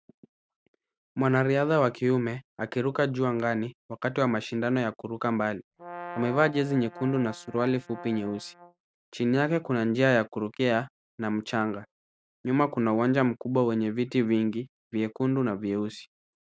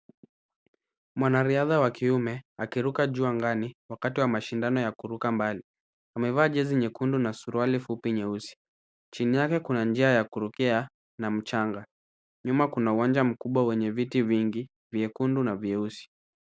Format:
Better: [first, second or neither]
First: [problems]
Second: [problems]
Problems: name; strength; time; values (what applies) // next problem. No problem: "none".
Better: second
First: noise reduction (neural mask model RNNoise)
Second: none